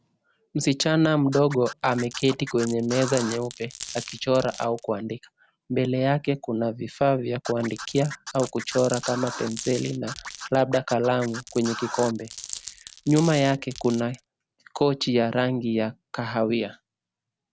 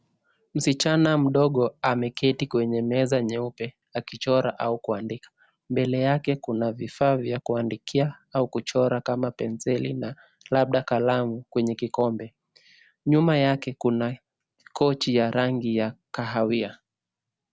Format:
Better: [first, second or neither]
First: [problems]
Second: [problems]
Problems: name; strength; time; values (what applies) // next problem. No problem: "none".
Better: second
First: background sound (Glass + Scratching (performance technique)); 13 dB below the speech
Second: none